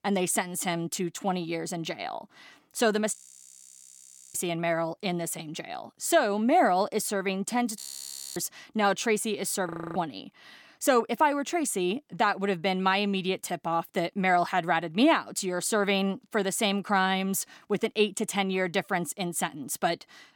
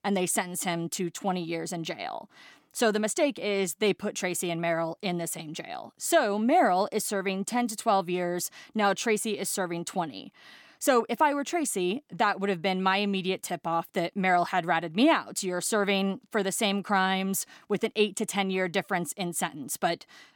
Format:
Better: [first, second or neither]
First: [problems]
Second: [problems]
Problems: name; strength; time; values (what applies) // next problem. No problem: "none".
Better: second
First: audio freezing; at 3 s for 1 s, at 8 s for 0.5 s and at 9.5 s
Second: none